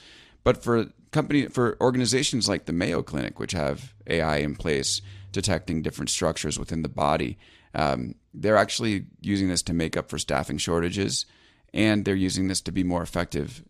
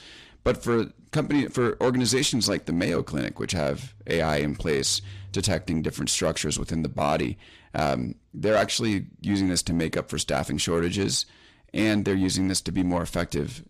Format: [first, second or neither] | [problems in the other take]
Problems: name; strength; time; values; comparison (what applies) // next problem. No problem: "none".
first | distortion; slight; 10 dB below the speech